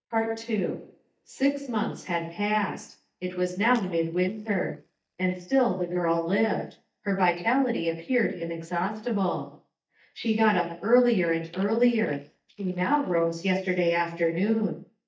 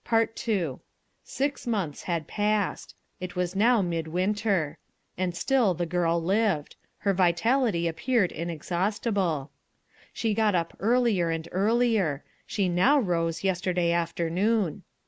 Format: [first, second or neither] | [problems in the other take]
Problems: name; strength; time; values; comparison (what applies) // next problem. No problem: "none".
second | noise reduction (neural mask model DeepFilterNet 3)